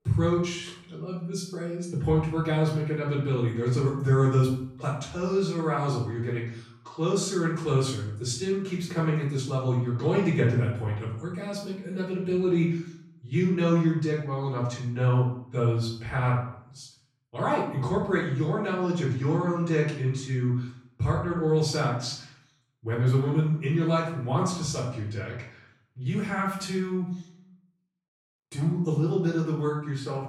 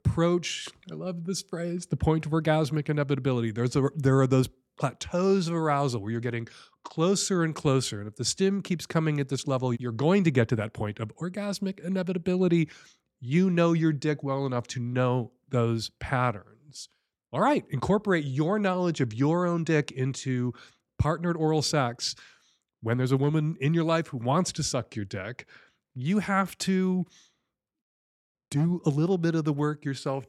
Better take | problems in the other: second | off-mic speech; far // room echo; noticeable; dies away in 0.5 s

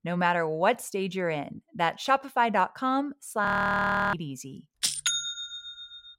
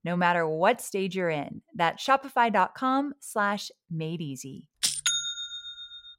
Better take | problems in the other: second | audio freezing; at 3.5 s for 0.5 s

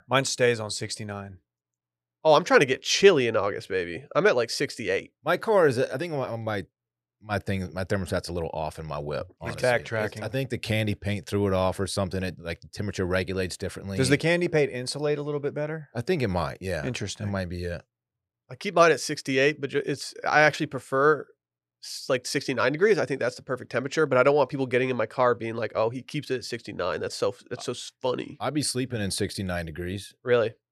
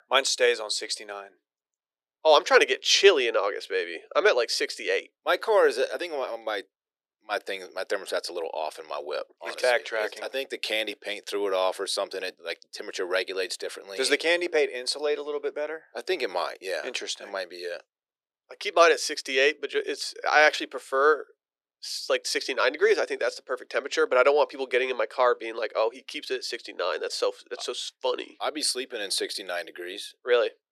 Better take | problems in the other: first | thin; very; fading below 350 Hz

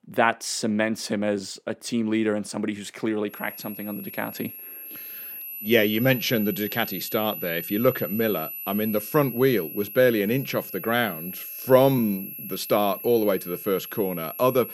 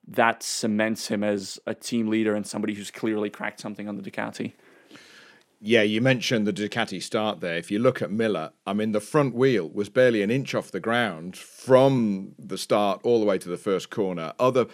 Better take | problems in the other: second | high-pitched whine; loud; from 3.5 s on; 12 kHz, 9 dB below the speech

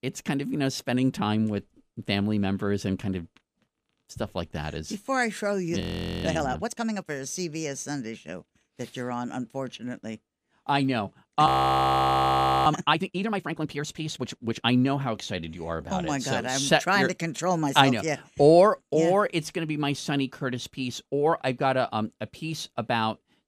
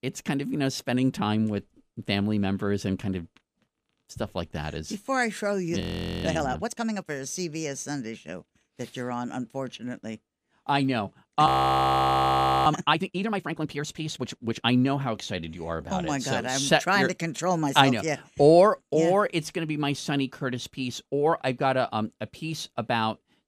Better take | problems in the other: neither | audio freezing; at 6 s and at 11 s for 1 s; the same in both

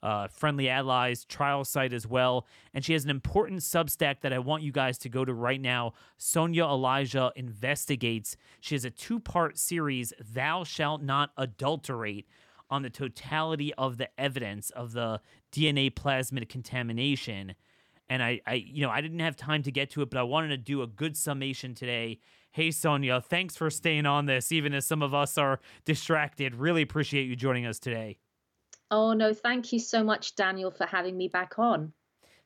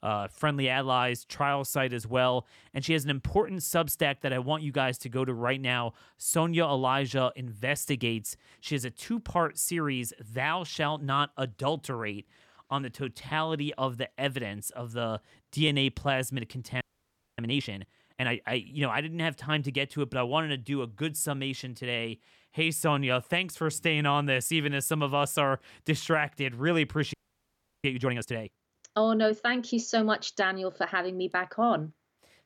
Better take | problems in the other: first | audio freezing; at 17 s for 0.5 s and at 27 s for 0.5 s

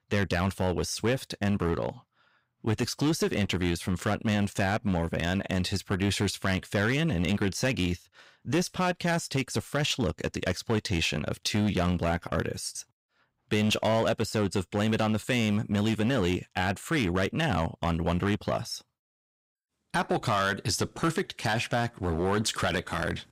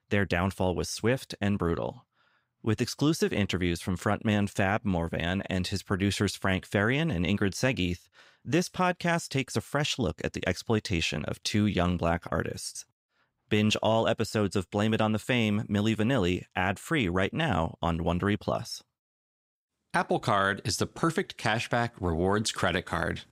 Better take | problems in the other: second | distortion; slight; 8% of the sound clipped

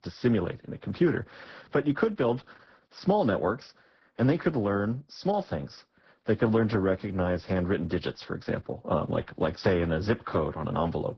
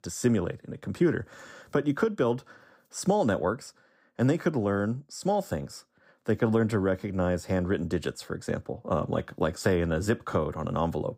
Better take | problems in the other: second | garbled, watery; badly

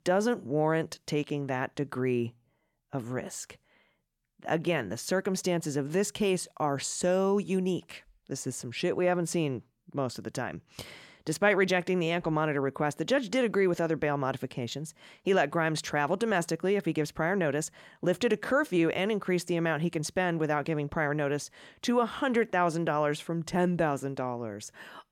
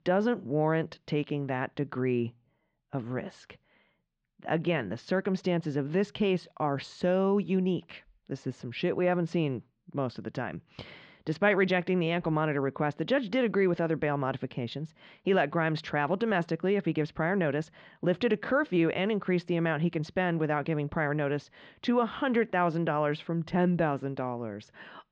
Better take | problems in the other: first | muffled; slightly; fading above 4 kHz

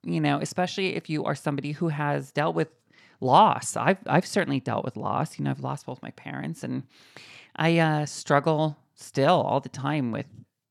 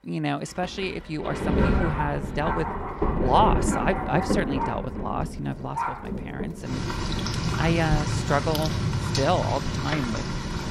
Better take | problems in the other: first | rain or running water; very loud; throughout; as loud as the speech

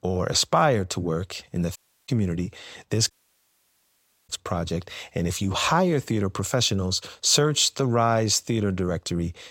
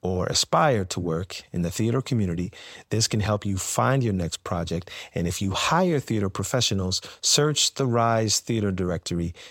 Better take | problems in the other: second | audio cutting out; at 2 s and at 3 s for 1 s

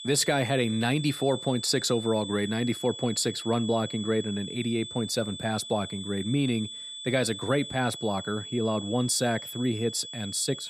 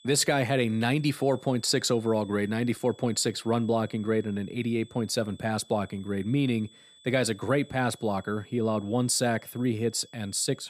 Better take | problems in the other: second | high-pitched whine; loud; throughout; 3.5 kHz, 9 dB below the speech; faint in the second

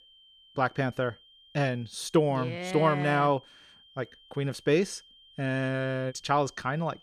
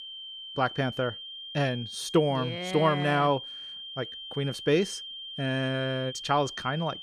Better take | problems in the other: first | high-pitched whine; loud; throughout; 3 kHz, 10 dB below the speech; faint in the first

